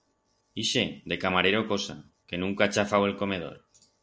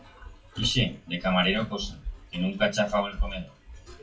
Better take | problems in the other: first | noise reduction (classical method WPE with log-MMSE)

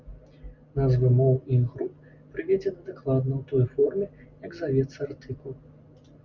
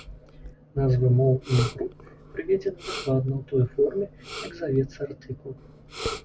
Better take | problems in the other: first | background sound (Respiratory sounds); 13 dB below the speech

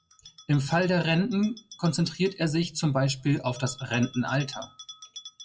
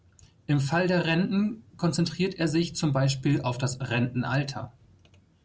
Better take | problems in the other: second | noise reduction (classical method WPE with log-MMSE)

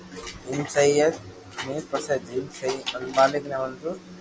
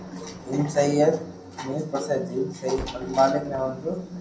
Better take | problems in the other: first | background sound (Gunshot, gunfire); 19 dB below the speech // room echo; dies away in 0.6 s

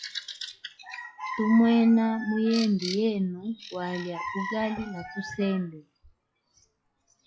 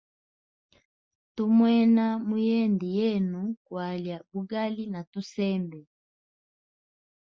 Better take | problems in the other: second | noise reduction (classical method log-MMSE)

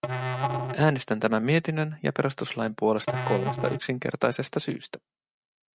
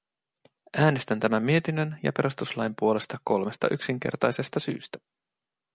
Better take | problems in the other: second | noise reduction (neural mask model RNNoise)

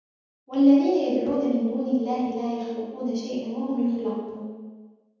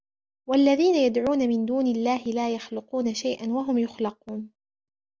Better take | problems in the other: second | room echo; dies away in 1.2 s

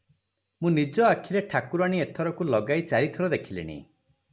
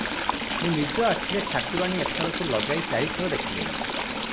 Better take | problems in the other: first | background sound (Stream / Trickle, dribble); as loud as the speech

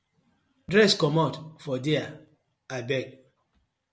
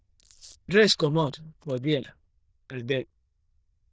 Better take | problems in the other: first | noise reduction (neural diffusion model UNIVERSE++)

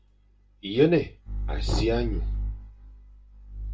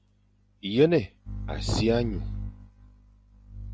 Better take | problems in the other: second | room echo; dies away in 0.2 s

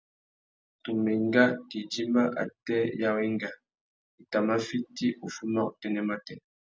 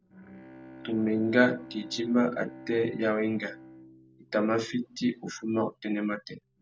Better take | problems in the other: first | background sound (Bowed string instrument); 19 dB below the speech

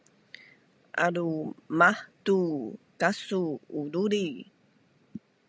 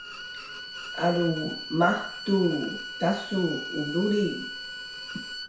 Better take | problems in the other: first | background sound (Bowed string instrument); 9 dB below the speech // room echo; dies away in 0.6 s

